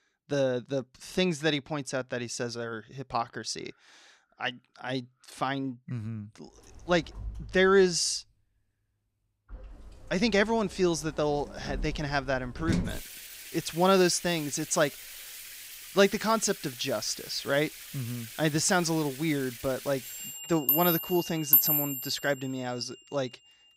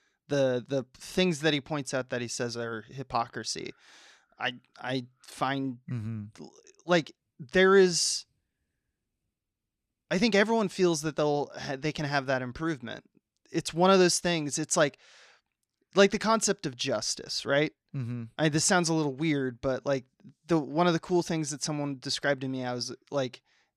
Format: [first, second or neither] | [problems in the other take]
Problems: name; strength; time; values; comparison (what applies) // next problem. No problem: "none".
second | household noises; loud; from 6.5 s on; 3 dB below the speech